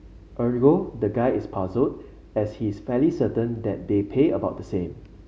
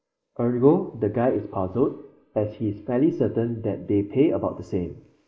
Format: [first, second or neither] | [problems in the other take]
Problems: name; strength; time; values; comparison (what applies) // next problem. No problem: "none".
first | noise reduction (neural mask model Resemble Enhance denoiser)